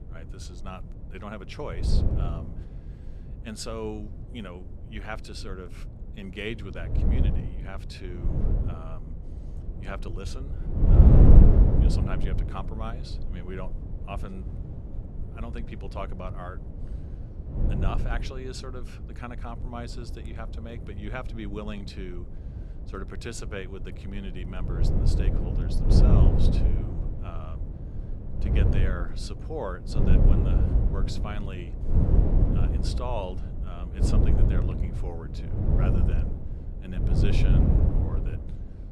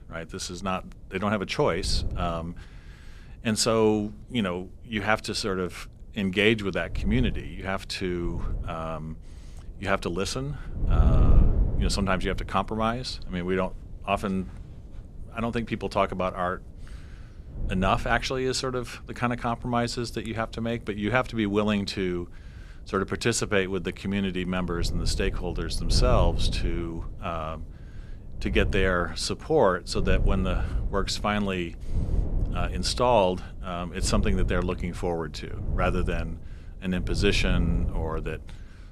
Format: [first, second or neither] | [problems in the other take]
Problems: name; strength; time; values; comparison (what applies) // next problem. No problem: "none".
second | wind noise on the microphone; heavy; 2 dB above the speech; occasional gusts in the second